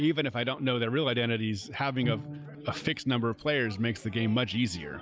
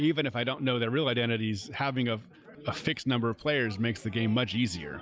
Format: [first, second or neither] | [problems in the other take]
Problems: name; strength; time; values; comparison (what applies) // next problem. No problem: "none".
second | background sound (Bowed string instrument); 13 dB below the speech